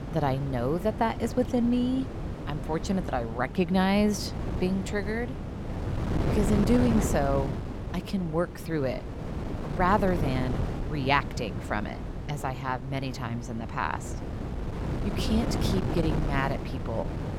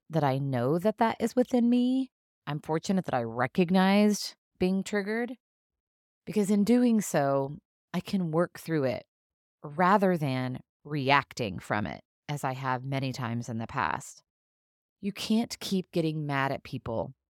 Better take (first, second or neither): second